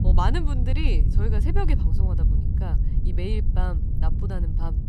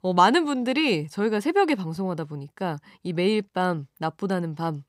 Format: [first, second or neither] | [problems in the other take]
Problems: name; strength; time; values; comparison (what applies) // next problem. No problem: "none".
second | wind noise on the microphone; heavy; 6 dB below the speech